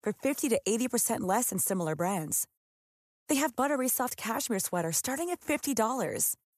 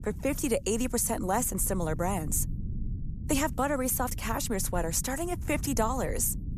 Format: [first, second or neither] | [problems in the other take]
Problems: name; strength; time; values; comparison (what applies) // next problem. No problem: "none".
first | low rumble; faint; throughout; 20 dB below the speech